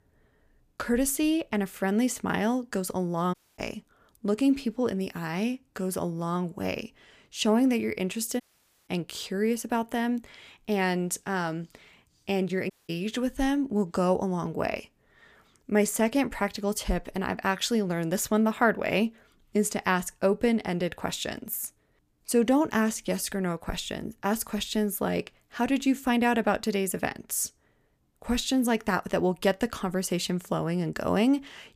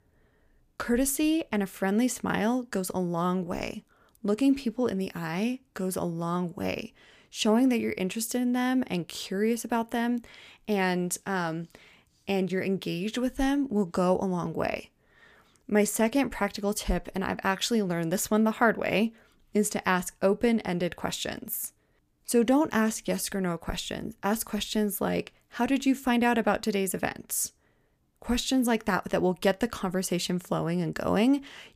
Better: second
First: audio cutting out; at 3.5 s, at 8.5 s and at 13 s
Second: none

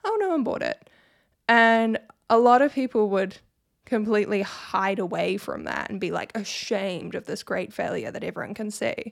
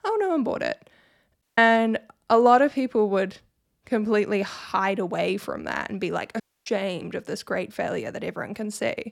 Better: first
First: none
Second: audio cutting out; at 1.5 s and at 6.5 s

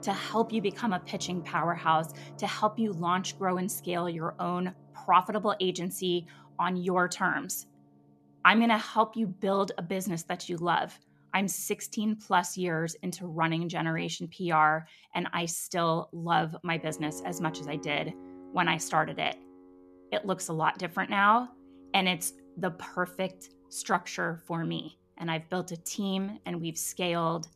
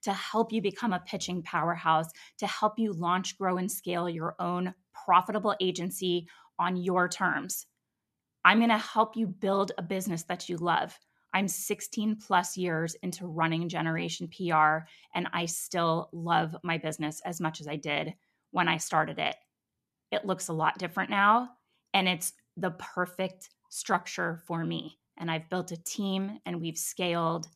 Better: second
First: background music; faint; throughout; 20 dB below the speech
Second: none

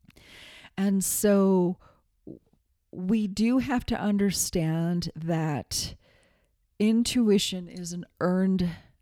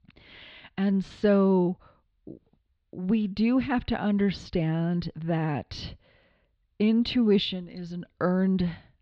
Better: first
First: none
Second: muffled; slightly; fading above 4 kHz

